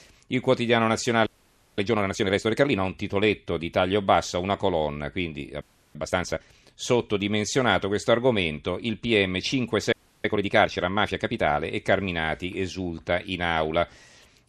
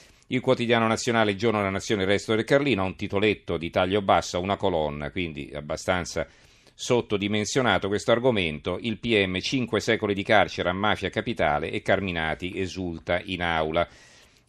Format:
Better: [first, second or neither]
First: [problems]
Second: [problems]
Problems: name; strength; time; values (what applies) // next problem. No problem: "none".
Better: second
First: audio freezing; at 1.5 s for 0.5 s, at 5.5 s and at 10 s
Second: none